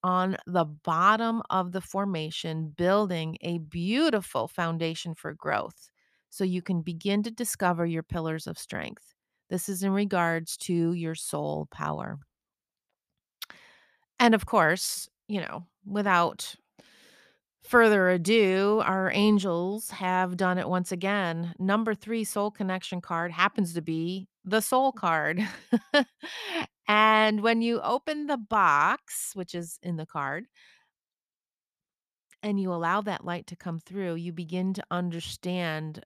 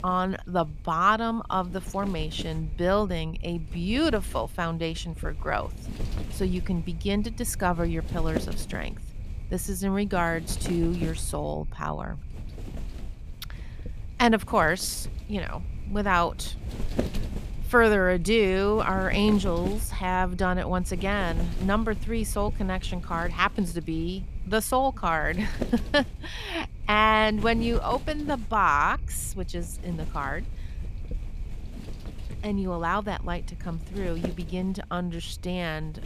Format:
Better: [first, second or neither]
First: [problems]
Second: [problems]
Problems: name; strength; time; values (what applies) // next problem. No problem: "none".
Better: first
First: none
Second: wind noise on the microphone; occasional gusts; 20 dB below the speech